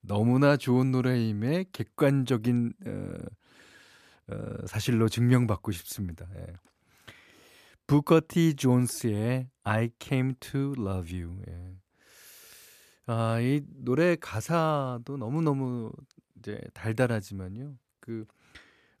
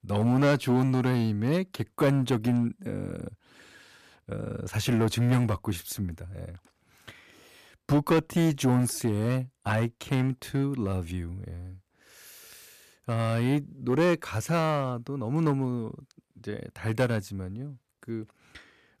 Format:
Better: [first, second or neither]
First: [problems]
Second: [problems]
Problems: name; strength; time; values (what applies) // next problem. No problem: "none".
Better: first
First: none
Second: distortion; slight; 4% of the sound clipped